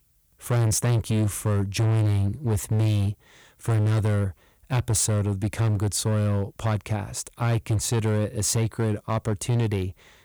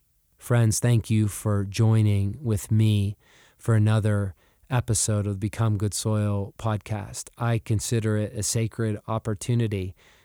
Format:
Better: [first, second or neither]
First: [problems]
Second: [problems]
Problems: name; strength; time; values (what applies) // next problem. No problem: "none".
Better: second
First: distortion; slight; 18% of the sound clipped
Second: none